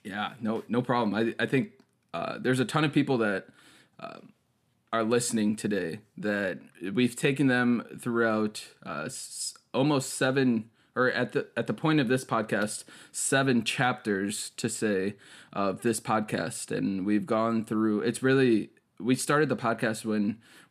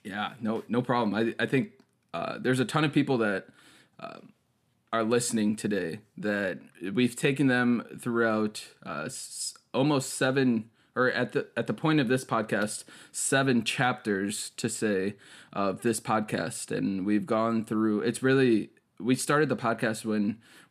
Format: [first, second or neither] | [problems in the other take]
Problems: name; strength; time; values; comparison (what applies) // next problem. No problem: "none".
neither | none